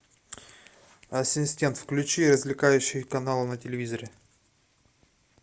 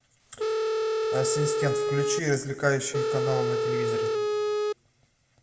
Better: first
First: none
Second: background sound (Telephone); 4 dB above the speech // room echo; dies away in 1.4 s

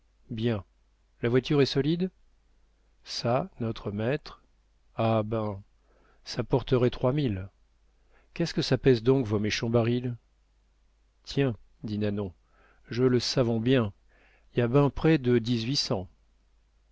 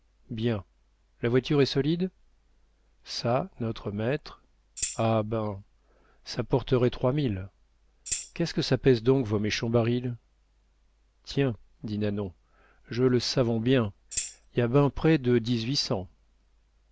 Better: first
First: none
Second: background sound (Tambourine); 8 dB below the speech

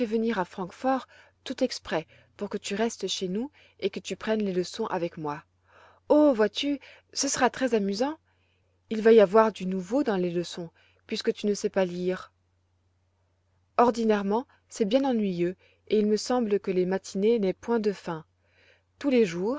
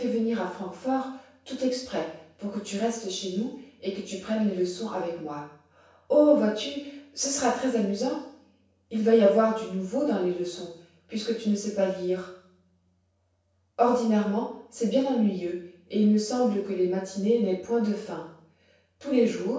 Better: first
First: none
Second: room echo; dies away in 0.7 s

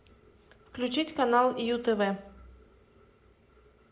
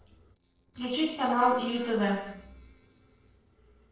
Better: first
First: none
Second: noise reduction (neural separator model SepFormer DNS4)

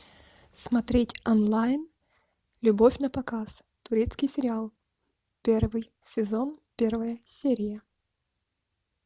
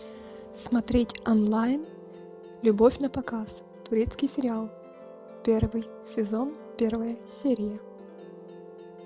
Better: first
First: none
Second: background sound (Musical instrument); 16 dB below the speech

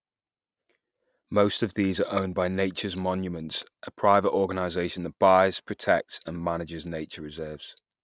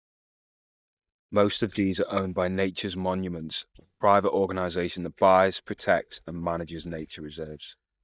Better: first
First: none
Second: noise reduction (neural mask model DeepFilterNet 3)

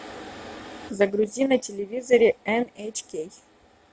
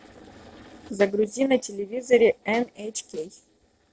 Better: first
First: none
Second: noise reduction (neural separator model SepFormer DNS4)

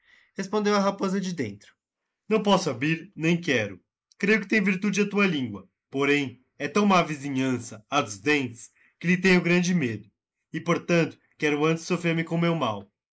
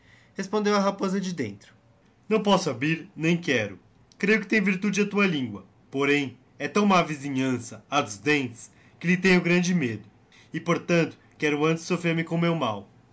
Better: second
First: noise reduction (neural mask model Resemble Enhance denoiser)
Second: none

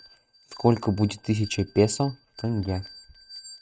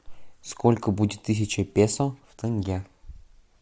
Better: second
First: noise reduction (neural mask model RNNoise)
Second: none

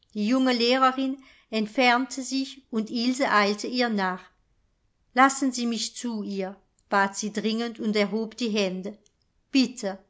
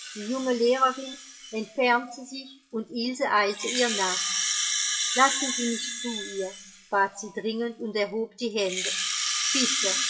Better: first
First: none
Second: noise reduction (classical method WPE with log-MMSE)

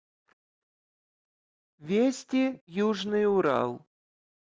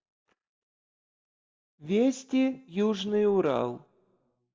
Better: first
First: none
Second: room echo; dies away in 0.3 s

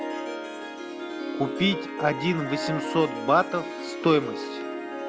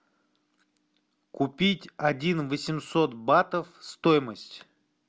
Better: second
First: background sound (Harp); 5 dB below the speech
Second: none

